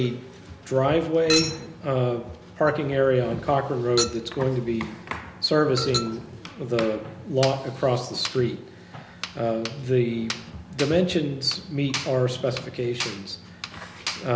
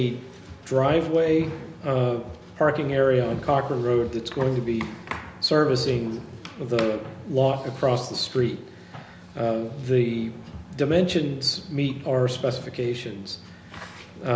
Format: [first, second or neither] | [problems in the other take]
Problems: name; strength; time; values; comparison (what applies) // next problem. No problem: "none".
second | background sound (Chink, clink); 11 dB below the speech